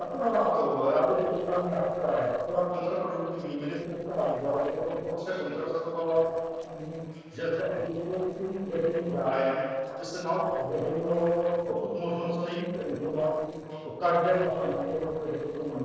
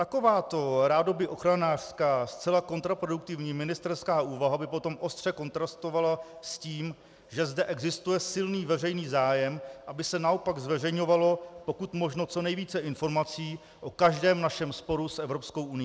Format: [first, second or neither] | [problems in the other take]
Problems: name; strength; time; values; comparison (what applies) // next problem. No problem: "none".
second | noise reduction (neural separator model SepFormer DNS4)